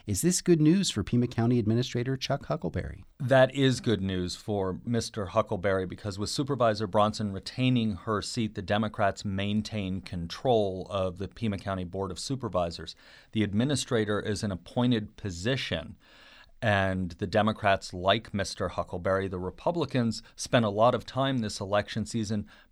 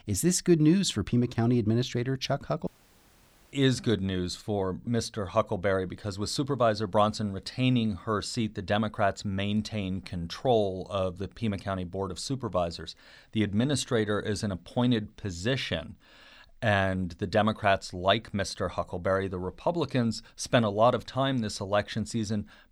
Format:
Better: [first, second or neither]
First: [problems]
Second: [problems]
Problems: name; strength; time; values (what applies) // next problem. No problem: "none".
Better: first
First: none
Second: audio cutting out; at 2.5 s for 1 s